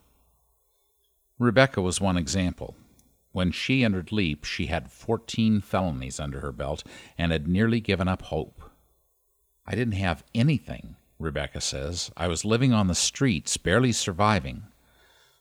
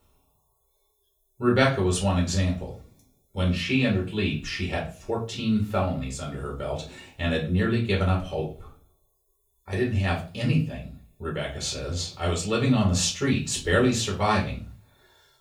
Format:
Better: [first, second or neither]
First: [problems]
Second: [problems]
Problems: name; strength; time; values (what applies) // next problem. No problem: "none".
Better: first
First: none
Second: off-mic speech; far // room echo; slight; dies away in 0.3 s